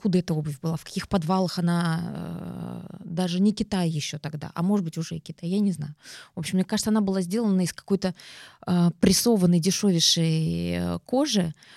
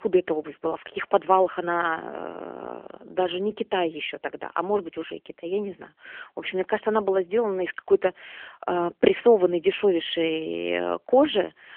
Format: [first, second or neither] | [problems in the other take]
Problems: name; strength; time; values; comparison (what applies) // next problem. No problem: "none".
first | phone-call audio; nothing above 3.5 kHz